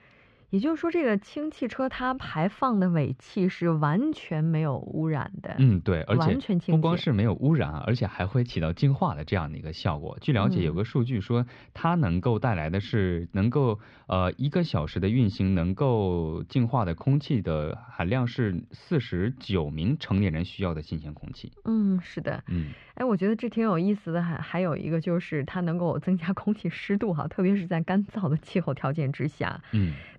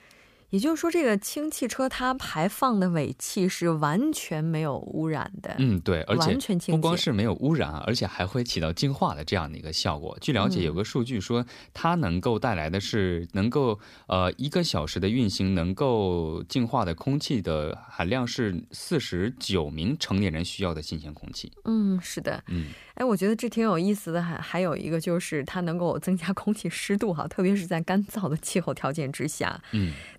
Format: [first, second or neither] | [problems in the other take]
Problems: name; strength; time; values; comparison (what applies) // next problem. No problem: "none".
second | muffled; slightly; fading above 3 kHz